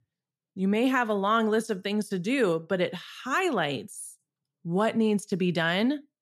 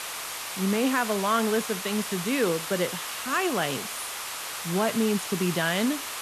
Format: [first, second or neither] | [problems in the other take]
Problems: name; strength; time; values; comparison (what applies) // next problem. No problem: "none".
first | hiss; loud; throughout; 5 dB below the speech